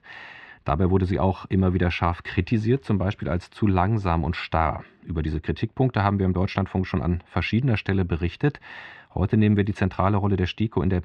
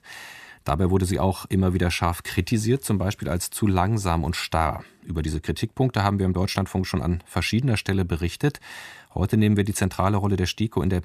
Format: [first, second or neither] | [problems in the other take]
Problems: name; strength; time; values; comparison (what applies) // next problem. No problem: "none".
second | muffled; slightly; fading above 3 kHz